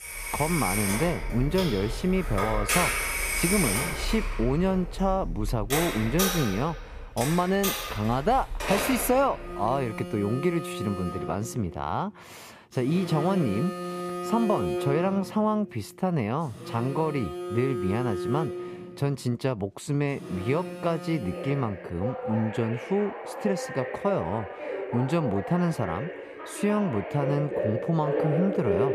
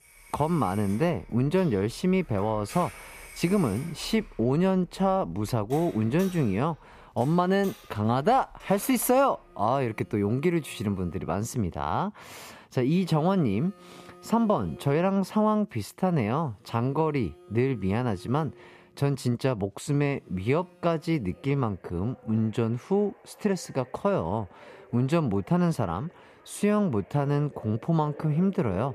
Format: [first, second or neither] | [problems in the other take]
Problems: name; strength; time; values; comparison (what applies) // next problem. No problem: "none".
second | alarms or sirens; loud; throughout; 4 dB below the speech; faint in the second